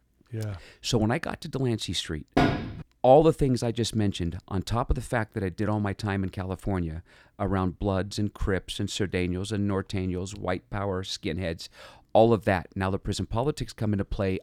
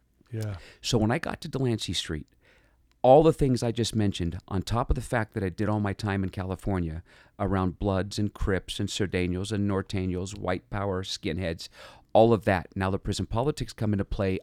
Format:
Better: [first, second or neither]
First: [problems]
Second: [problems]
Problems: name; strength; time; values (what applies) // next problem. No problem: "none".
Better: second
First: door banging; loud; at 2.5 s; peak 3 dB above the speech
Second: none